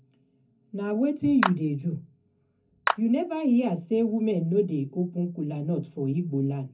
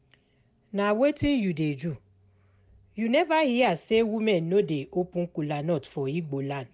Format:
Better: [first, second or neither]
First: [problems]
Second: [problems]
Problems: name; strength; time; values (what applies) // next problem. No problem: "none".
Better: second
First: background sound (Clapping); 7 dB below the speech // room echo; dies away in 0.3 s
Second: none